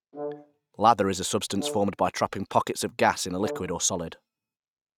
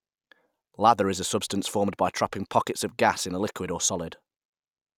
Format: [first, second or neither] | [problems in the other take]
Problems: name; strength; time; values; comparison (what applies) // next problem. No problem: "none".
second | noise reduction (neural mask model RNNoise)